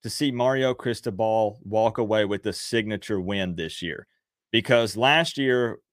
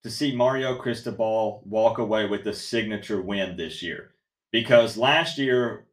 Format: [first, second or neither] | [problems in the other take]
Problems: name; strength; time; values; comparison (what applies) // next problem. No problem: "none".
first | room echo; very slight; dies away in 0.3 s // off-mic speech; somewhat distant